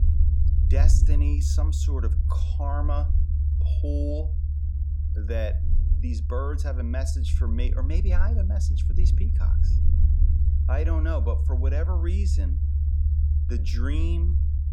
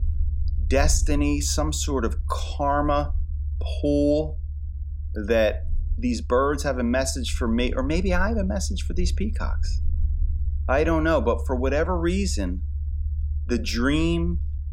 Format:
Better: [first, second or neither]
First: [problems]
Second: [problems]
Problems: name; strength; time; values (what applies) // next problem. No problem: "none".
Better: second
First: low rumble; loud; throughout; 5 dB below the speech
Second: low rumble; faint; throughout; 25 dB below the speech